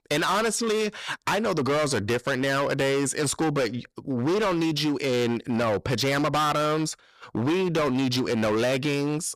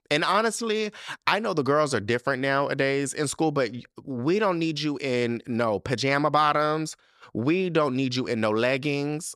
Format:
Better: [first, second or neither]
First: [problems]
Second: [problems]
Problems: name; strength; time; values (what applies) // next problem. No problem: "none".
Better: second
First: distortion; heavy; 23% of the sound clipped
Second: none